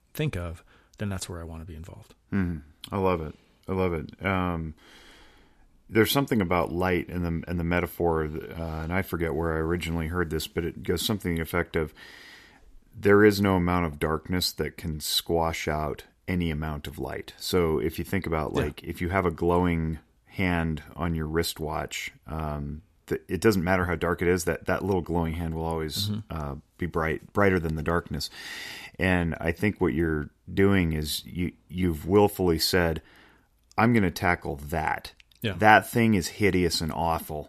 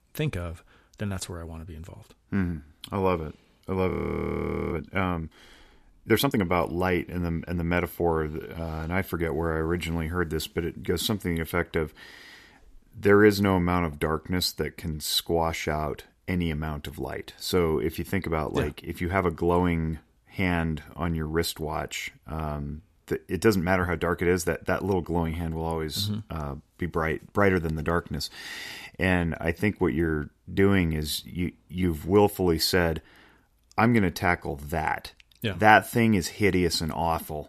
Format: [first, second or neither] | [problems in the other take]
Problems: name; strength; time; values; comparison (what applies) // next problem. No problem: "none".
first | audio freezing; at 4 s for 1 s